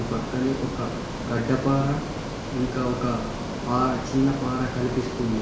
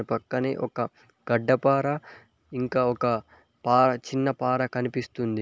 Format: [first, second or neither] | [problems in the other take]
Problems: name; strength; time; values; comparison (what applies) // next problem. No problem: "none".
second | background sound (Ocean); 5 dB below the speech // room echo; dies away in 0.7 s